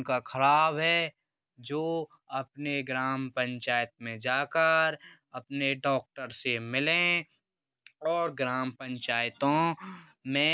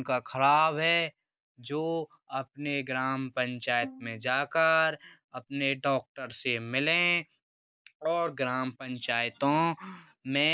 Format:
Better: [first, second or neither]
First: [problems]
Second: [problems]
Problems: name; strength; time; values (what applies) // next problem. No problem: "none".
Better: first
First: none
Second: noise reduction (neural mask model DeepFilterNet 3)